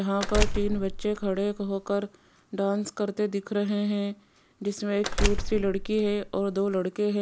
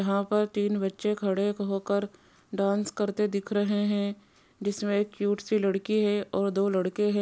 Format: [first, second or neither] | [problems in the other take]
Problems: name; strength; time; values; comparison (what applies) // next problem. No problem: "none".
second | background sound (Door); 2 dB below the speech